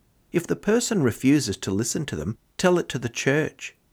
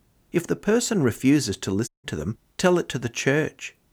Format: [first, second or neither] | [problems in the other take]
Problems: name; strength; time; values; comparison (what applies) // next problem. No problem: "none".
first | audio cutting out; at 2 s